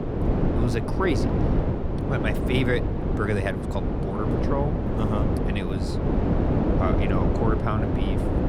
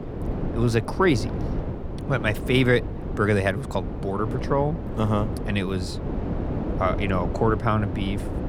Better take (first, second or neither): second